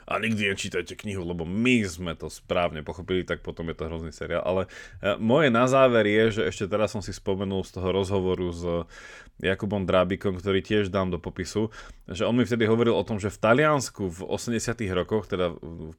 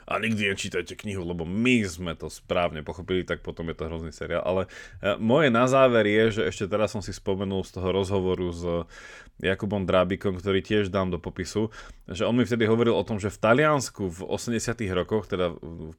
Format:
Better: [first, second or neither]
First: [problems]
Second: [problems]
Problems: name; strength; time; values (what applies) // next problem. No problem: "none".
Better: neither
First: none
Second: none